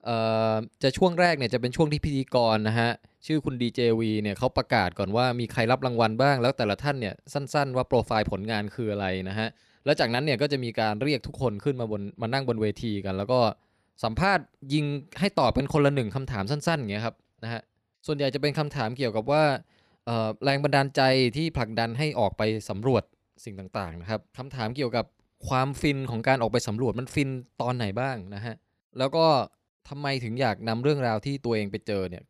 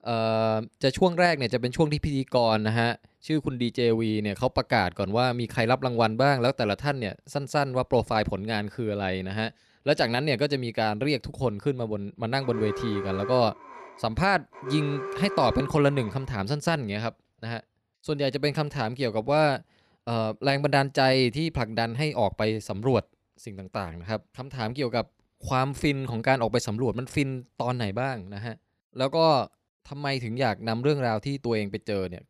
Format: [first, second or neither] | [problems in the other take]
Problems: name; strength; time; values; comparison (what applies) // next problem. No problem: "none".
first | alarm; noticeable; from 12 to 16 s; peak 7 dB below the speech